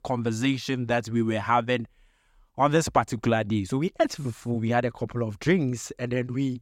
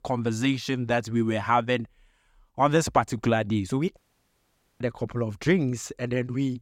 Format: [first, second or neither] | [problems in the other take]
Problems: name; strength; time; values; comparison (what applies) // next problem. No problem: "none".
first | audio cutting out; at 4 s for 1 s